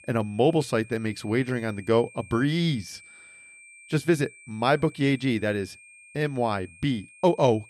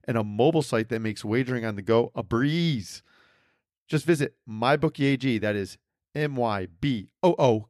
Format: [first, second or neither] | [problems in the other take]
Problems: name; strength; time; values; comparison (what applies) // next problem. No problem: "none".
second | high-pitched whine; faint; throughout; 2.5 kHz, 20 dB below the speech